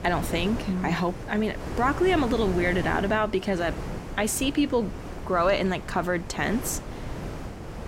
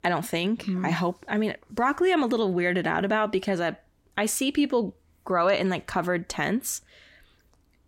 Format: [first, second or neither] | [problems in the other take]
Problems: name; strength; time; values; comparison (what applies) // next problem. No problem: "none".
second | wind noise on the microphone; occasional gusts; 10 dB below the speech